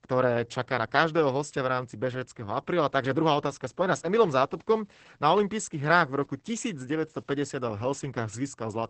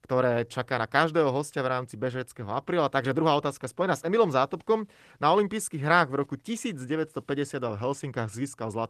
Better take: second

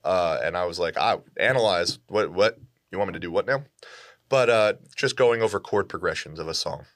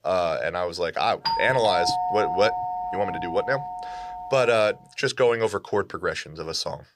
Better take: first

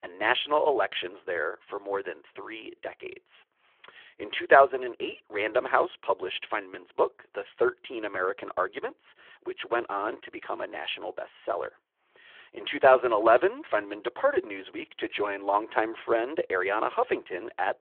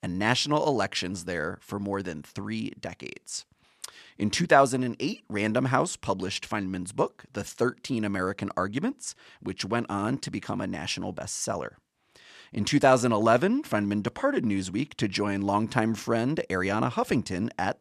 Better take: second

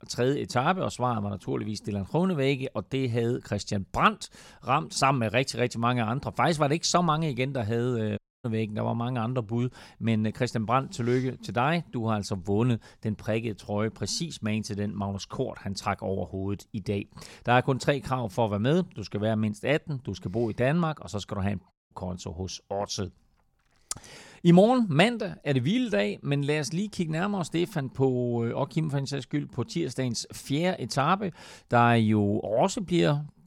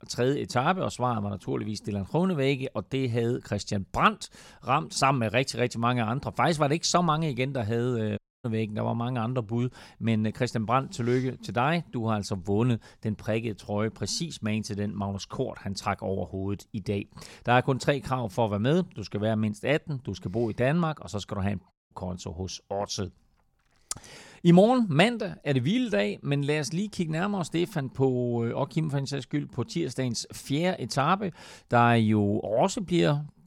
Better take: neither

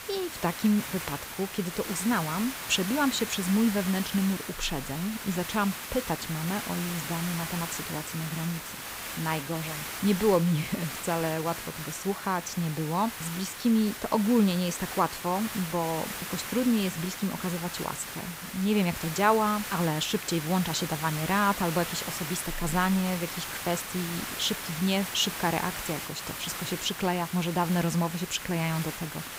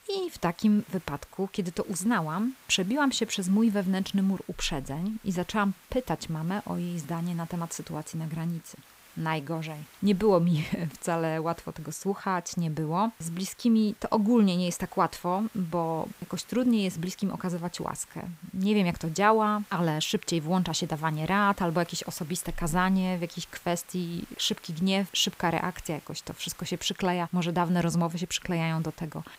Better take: second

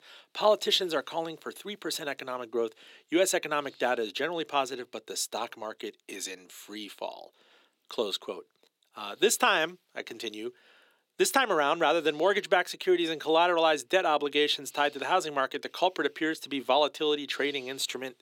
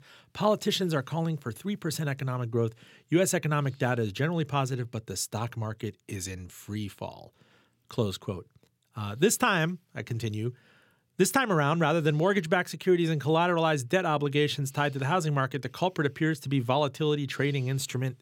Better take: second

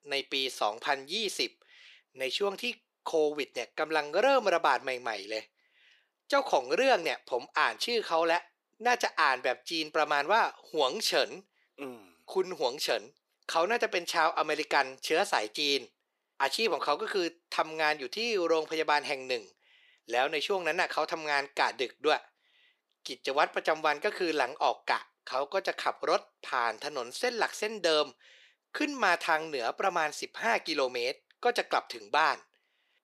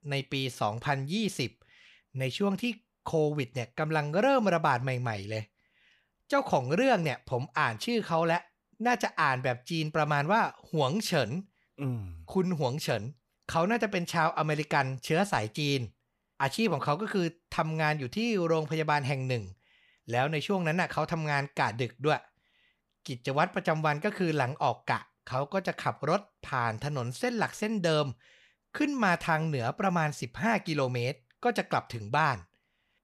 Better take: second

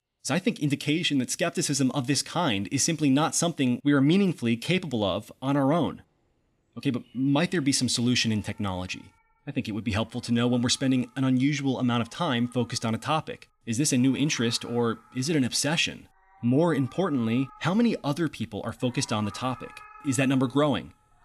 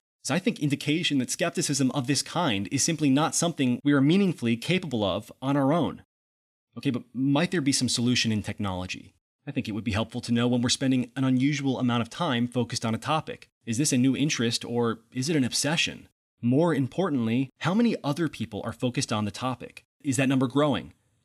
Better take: second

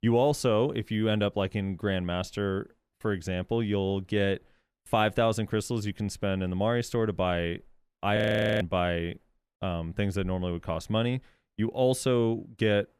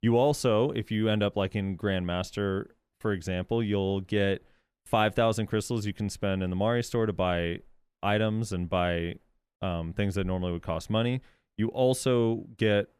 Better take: second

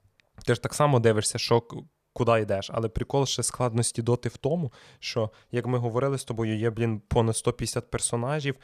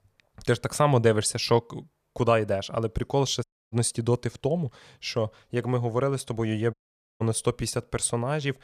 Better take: first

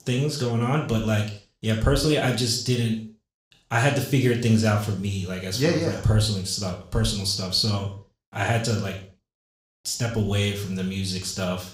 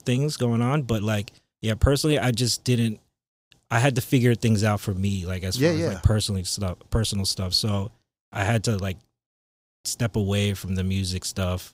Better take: second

